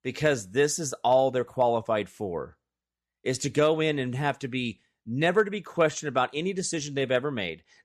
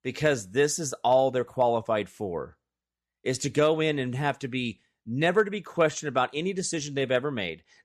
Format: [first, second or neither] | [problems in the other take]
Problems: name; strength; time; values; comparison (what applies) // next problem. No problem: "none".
neither | none